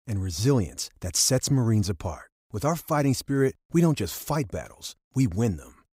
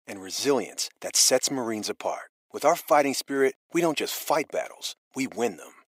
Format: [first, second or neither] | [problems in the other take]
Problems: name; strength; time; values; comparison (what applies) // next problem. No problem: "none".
first | thin; very; fading below 350 Hz